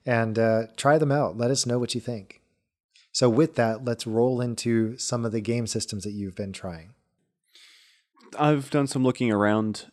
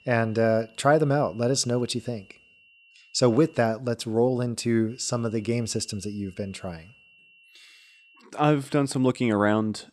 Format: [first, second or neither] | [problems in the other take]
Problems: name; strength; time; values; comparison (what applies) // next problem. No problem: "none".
first | high-pitched whine; faint; until 3.5 s and from 5 to 8 s; 2.5 kHz, 30 dB below the speech